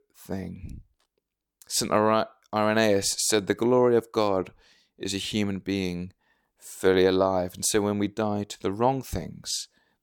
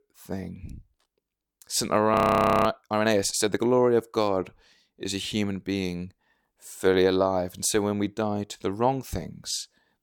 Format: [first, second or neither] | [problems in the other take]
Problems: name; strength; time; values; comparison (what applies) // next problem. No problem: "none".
first | audio freezing; at 2 s for 0.5 s